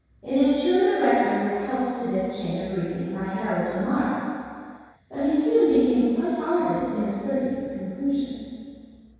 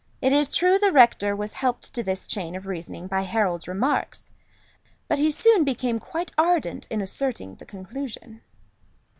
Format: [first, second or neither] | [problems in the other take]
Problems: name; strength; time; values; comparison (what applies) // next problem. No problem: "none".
second | room echo; dies away in 2 s